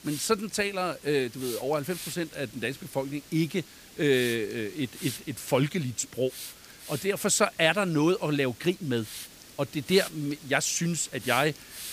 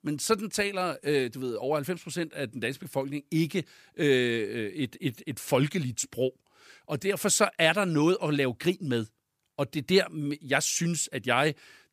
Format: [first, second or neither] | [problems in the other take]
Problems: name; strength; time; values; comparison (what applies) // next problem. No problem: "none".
second | hiss; noticeable; throughout; 15 dB below the speech